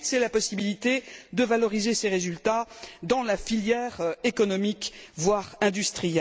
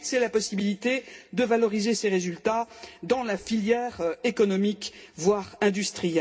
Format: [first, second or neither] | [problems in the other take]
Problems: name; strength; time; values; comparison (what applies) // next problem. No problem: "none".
first | room echo; dies away in 0.3 s